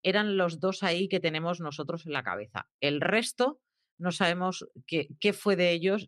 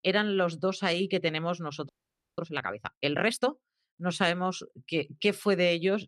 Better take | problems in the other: first | audio freezing; at 2 s

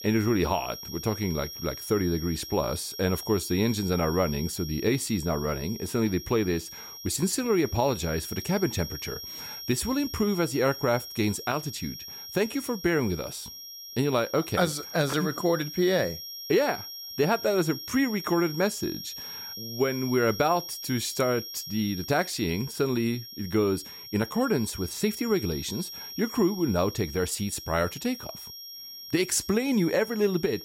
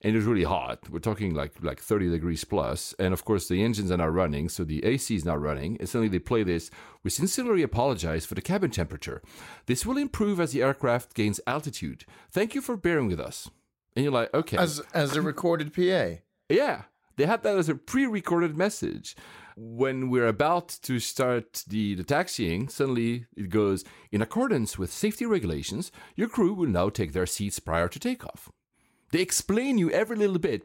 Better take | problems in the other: second | high-pitched whine; noticeable; throughout; 5.5 kHz, 10 dB below the speech

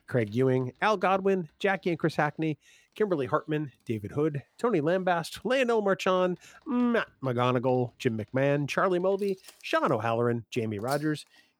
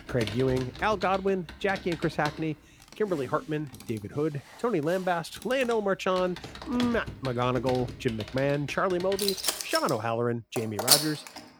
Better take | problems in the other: first | household noises; loud; throughout; 2 dB below the speech; faint in the first

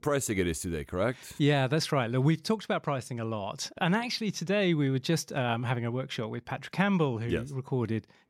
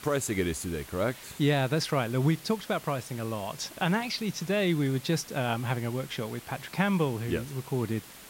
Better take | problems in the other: first | hiss; noticeable; throughout; 15 dB below the speech

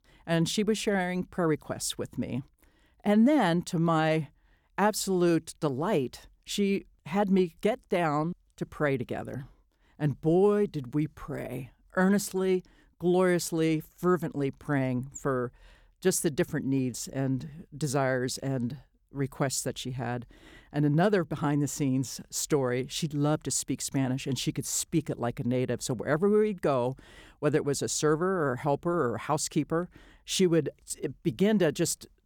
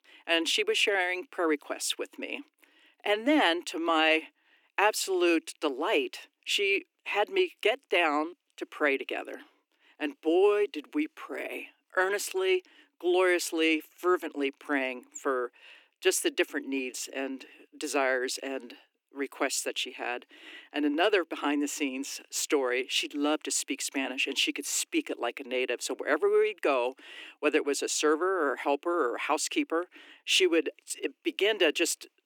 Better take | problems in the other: first | thin; somewhat; fading below 300 Hz

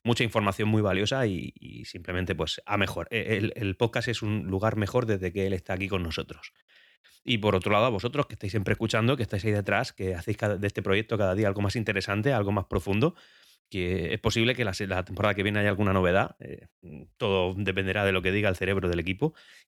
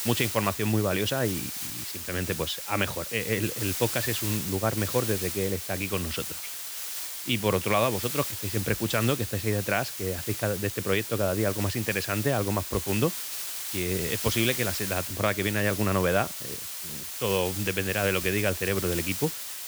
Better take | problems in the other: first | hiss; loud; throughout; 4 dB below the speech

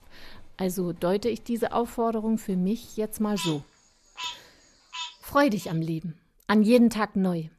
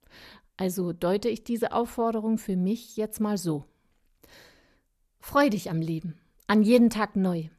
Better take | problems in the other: second | animal sounds; noticeable; until 5.5 s; 10 dB below the speech

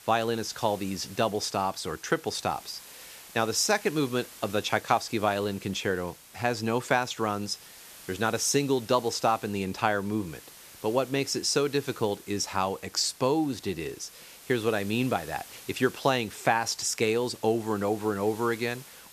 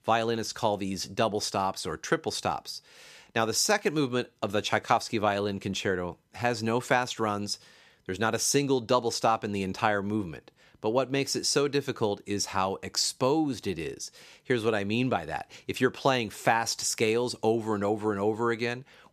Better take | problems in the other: second | hiss; noticeable; throughout; 20 dB below the speech

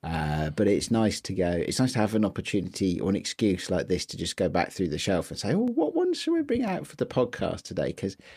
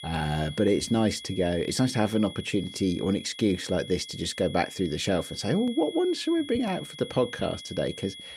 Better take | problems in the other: first | high-pitched whine; noticeable; throughout; 3.5 kHz, 15 dB below the speech

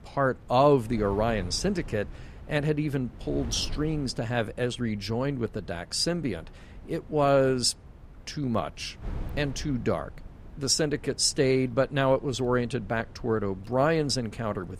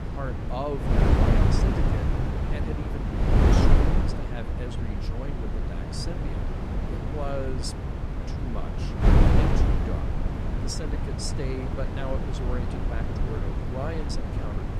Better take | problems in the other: first | wind noise on the microphone; heavy; 4 dB above the speech; occasional gusts in the first

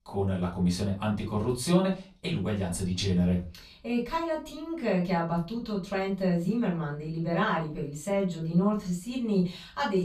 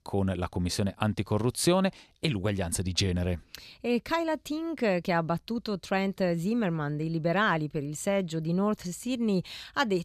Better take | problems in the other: second | off-mic speech; far // room echo; slight; dies away in 0.3 s

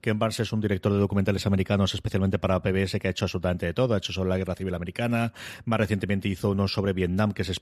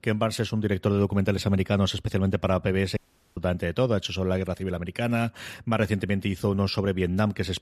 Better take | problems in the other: first | audio cutting out; at 3 s

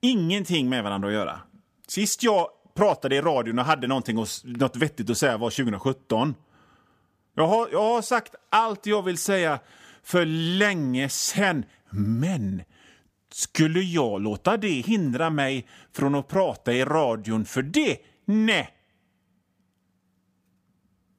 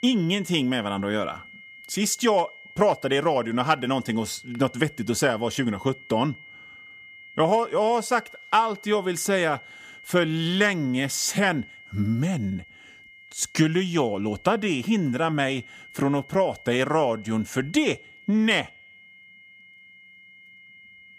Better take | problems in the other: first | high-pitched whine; faint; throughout; 2 kHz, 20 dB below the speech

